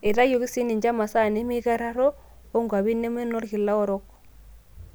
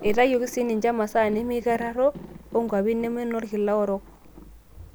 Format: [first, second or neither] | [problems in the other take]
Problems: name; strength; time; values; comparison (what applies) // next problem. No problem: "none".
first | background sound (Thunder); 20 dB below the speech